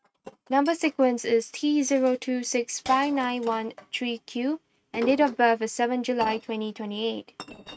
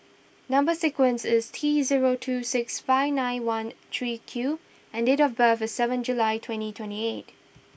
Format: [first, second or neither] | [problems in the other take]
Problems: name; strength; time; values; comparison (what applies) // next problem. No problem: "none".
second | noise reduction (neural mask model RNNoise)